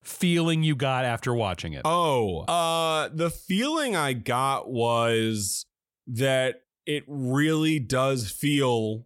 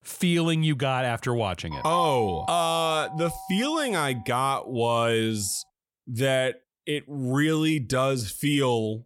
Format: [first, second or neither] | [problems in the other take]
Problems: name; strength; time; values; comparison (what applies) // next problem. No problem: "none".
first | doorbell; noticeable; from 1.5 to 4 s; peak 6 dB below the speech